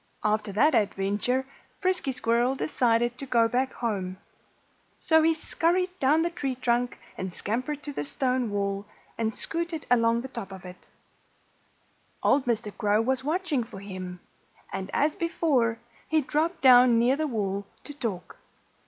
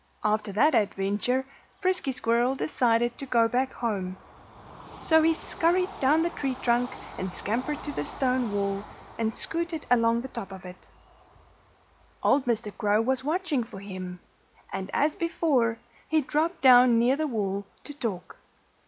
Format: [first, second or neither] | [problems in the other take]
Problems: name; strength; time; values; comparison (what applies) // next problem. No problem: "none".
first | background sound (Train / Bird vocalization, bird call, bird song); 20 dB below the speech